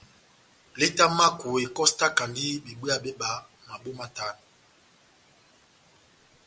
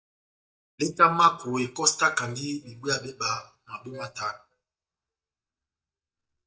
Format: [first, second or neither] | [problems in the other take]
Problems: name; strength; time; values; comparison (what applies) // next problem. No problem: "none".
first | noise reduction (neural mask model DeepFilterNet 3)